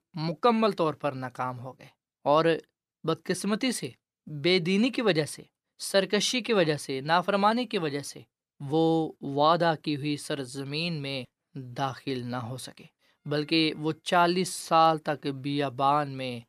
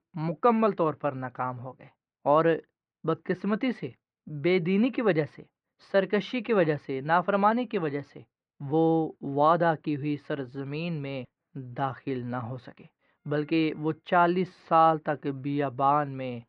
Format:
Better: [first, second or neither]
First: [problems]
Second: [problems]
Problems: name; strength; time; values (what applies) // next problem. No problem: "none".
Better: first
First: none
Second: muffled; very; fading above 2 kHz